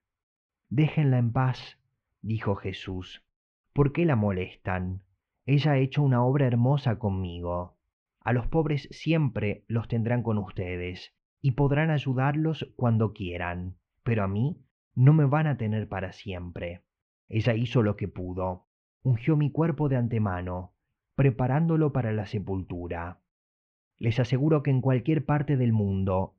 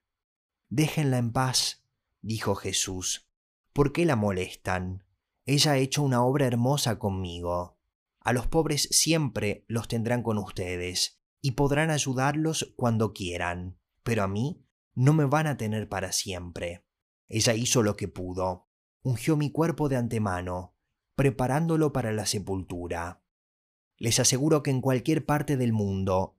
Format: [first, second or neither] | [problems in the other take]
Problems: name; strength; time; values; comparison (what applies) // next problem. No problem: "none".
second | muffled; very; fading above 2.5 kHz